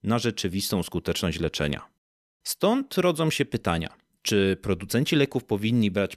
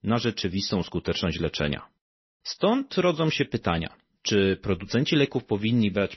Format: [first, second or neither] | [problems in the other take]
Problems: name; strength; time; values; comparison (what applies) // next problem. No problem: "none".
first | garbled, watery; slightly; nothing above 6 kHz